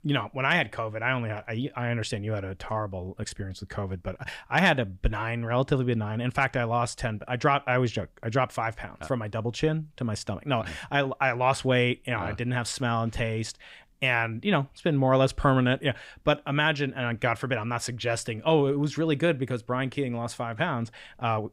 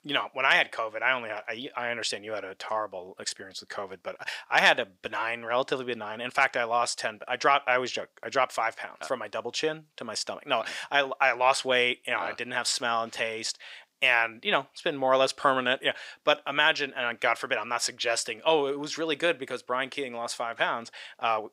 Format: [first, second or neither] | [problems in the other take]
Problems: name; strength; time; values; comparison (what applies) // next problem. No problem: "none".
first | thin; very; fading below 500 Hz